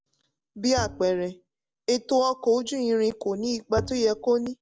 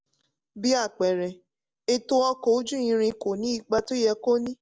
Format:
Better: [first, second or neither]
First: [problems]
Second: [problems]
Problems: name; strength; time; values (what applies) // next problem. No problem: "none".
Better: second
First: background sound (Bowed string instrument); 10 dB below the speech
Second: none